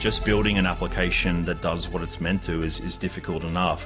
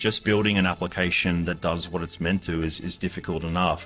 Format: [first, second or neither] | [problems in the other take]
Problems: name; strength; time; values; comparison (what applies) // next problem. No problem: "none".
first | noise reduction (neural separator model SepFormer DNS4)